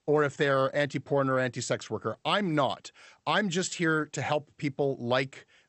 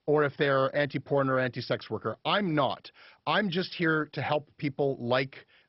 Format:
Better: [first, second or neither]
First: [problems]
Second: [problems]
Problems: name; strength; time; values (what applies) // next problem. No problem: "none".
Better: first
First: garbled, watery; slightly; nothing above 8 kHz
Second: garbled, watery; badly; nothing above 5.5 kHz